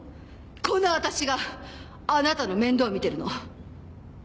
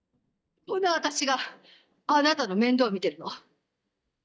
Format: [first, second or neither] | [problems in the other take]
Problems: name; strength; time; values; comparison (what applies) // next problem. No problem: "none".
first | noise reduction (neural mask model DeepFilterNet 3)